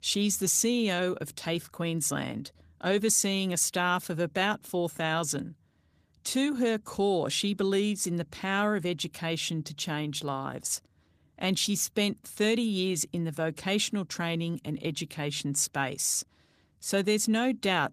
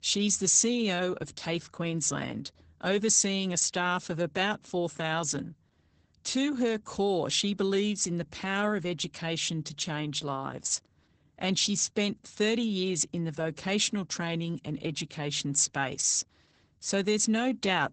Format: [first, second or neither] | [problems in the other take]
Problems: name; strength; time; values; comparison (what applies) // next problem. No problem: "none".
first | garbled, watery; badly; nothing above 8 kHz; slightly in the first